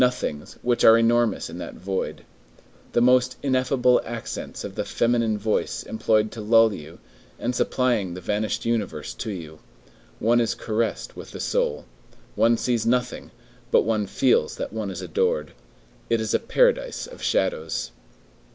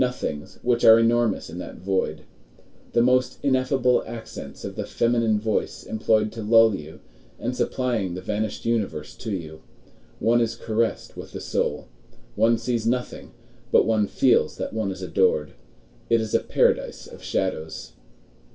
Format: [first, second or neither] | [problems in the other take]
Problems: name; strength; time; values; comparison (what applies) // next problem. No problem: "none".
first | room echo; dies away in 0.2 s